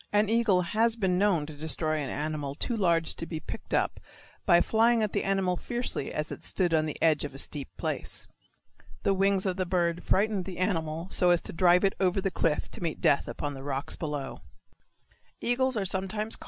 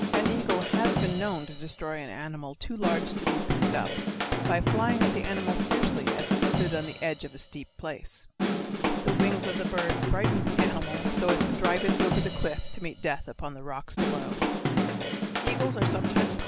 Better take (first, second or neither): first